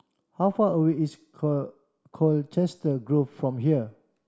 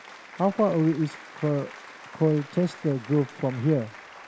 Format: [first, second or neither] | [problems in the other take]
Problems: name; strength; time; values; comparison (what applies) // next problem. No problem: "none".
first | background sound (Applause); 18 dB below the speech